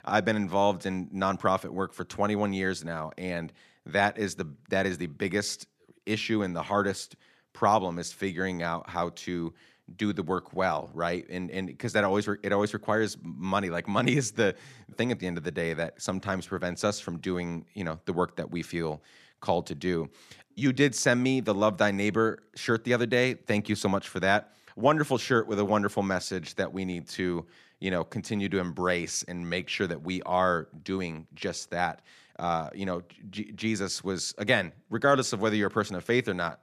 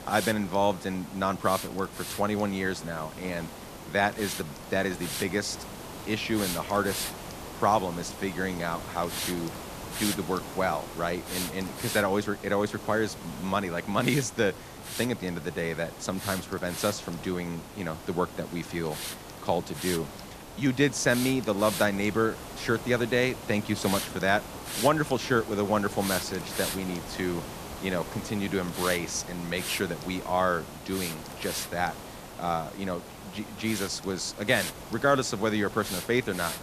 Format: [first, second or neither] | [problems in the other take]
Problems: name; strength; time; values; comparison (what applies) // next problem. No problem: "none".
first | hiss; loud; throughout; 8 dB below the speech